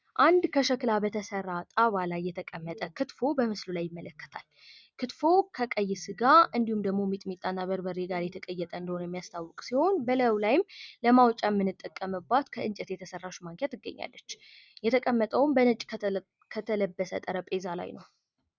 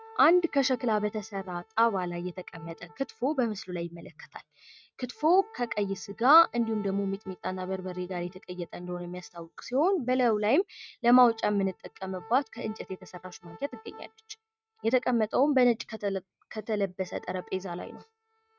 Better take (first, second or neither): first